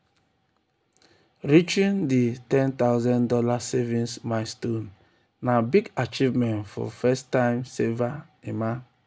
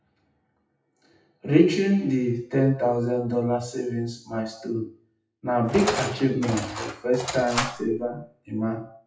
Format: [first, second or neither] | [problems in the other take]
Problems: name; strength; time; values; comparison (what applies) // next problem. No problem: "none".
first | noise reduction (classical method WPE with log-MMSE)